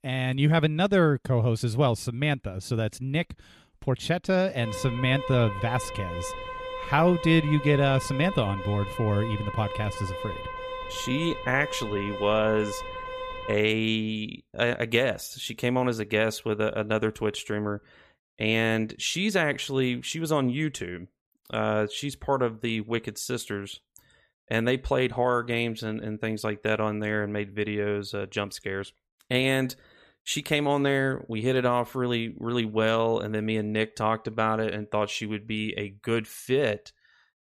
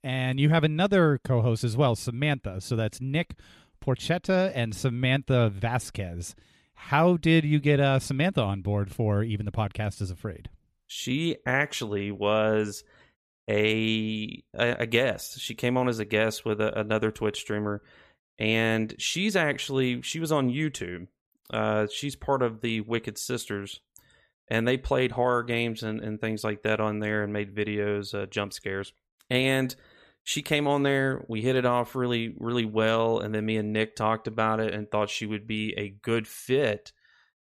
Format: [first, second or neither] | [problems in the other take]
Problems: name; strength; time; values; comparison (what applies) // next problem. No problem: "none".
second | alarm; noticeable; from 4.5 to 14 s; peak 8 dB below the speech